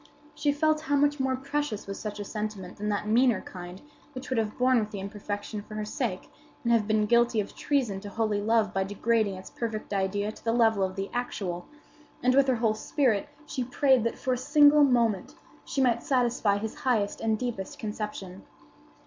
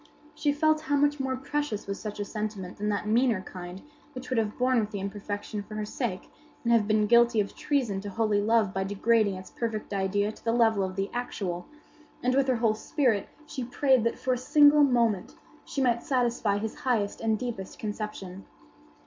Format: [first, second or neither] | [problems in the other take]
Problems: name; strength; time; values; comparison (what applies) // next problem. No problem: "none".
first | room echo; dies away in 0.3 s